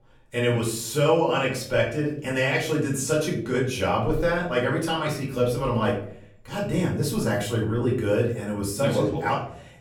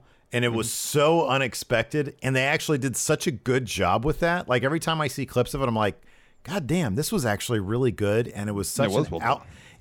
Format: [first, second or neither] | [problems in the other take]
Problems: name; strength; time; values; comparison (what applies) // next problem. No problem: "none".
second | off-mic speech; far // room echo; slight; dies away in 0.5 s